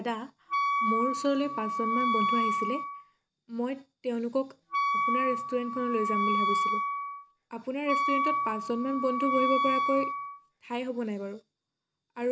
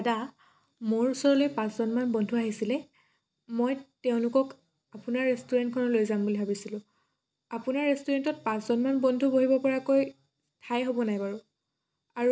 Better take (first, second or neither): second